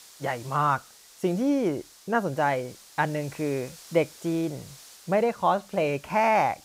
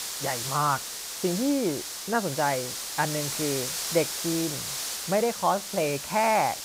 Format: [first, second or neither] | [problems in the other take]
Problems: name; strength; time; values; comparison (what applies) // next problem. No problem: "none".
first | hiss; loud; throughout; 3 dB below the speech; faint in the first